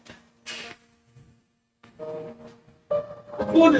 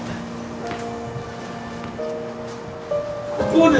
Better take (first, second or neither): second